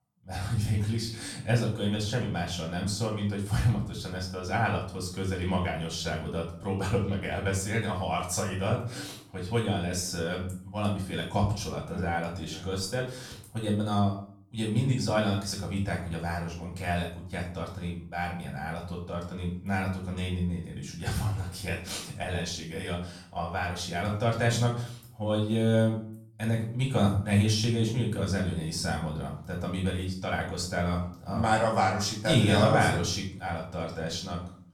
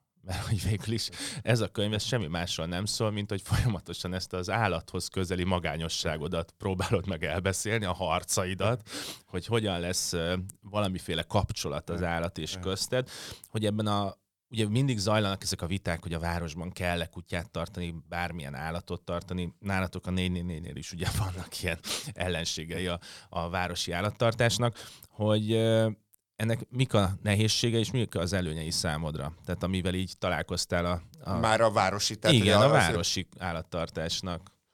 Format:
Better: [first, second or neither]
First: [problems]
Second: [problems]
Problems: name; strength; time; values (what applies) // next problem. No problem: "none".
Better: second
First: off-mic speech; far // room echo; slight; dies away in 0.5 s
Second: none